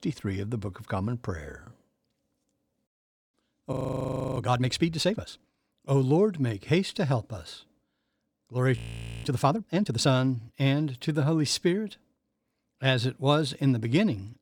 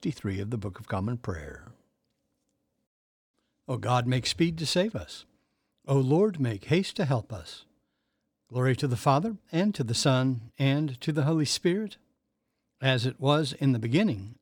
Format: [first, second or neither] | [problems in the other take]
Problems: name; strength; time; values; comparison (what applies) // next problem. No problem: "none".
second | audio freezing; at 3.5 s for 0.5 s and at 9 s